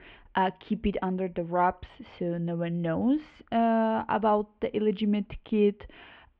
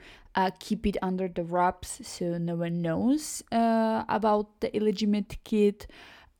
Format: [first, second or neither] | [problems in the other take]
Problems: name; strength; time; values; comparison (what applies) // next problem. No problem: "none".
second | muffled; very; fading above 3 kHz